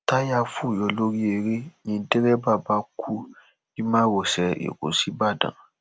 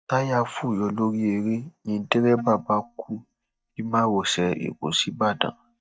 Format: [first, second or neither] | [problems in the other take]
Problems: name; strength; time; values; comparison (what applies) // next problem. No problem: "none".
first | noise reduction (neural mask model DeepFilterNet 3)